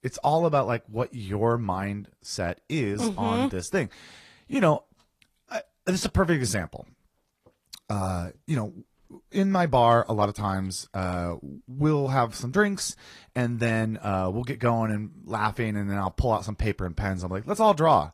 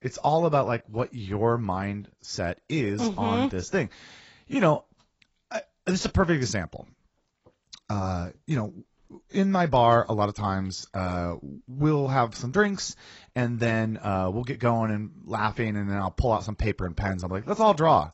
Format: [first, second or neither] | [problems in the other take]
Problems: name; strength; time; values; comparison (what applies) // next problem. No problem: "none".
first | garbled, watery; badly; nothing above 7.5 kHz; slightly in the first